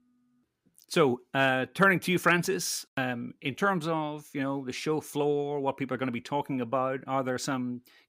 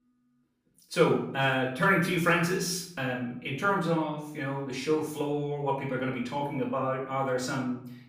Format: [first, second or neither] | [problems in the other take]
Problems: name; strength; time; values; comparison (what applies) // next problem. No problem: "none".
first | off-mic speech; far // room echo; noticeable; dies away in 0.6 s